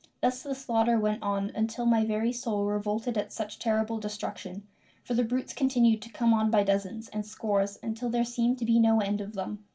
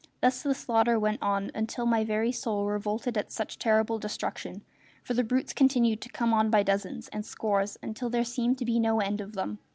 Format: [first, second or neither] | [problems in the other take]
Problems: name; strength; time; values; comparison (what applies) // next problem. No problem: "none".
second | room echo; dies away in 0.2 s